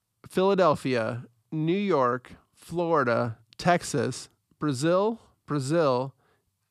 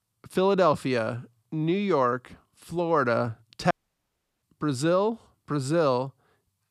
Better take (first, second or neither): first